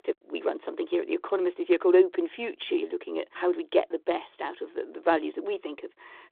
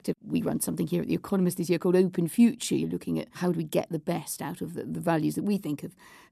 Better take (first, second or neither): second